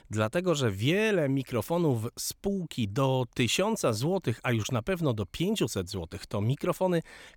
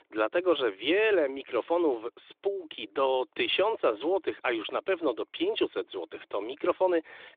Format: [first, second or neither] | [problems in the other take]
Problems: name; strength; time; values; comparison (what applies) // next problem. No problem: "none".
first | phone-call audio; nothing above 3.5 kHz